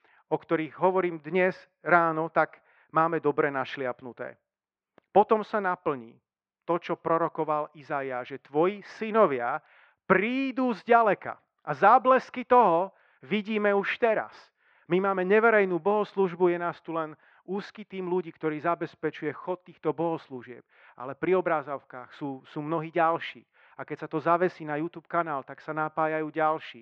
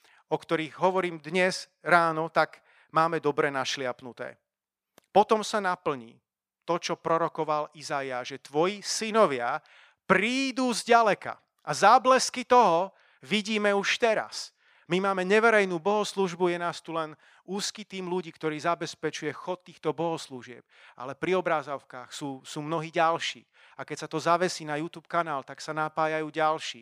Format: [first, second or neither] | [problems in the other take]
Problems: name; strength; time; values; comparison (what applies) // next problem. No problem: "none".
second | muffled; very; fading above 2.5 kHz